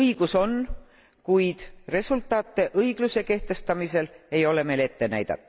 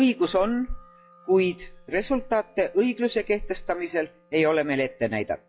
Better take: first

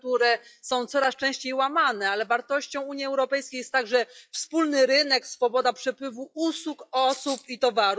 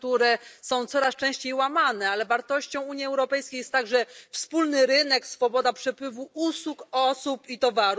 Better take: second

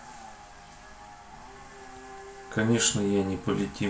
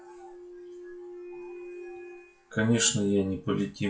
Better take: first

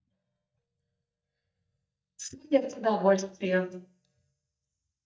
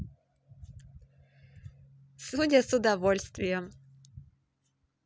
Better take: second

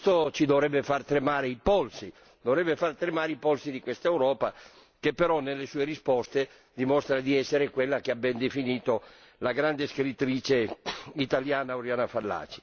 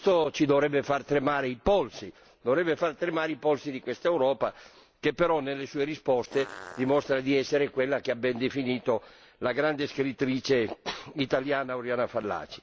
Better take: first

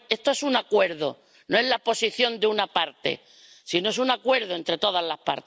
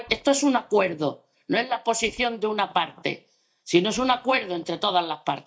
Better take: first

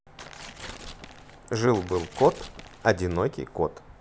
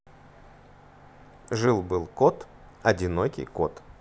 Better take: second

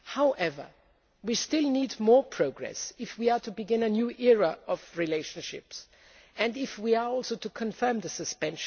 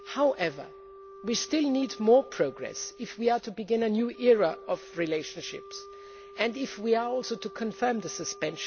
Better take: first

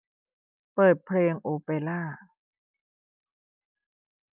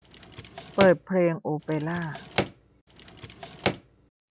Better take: first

